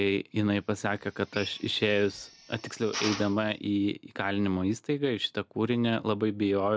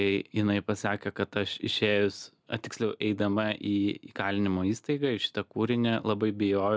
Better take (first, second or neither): second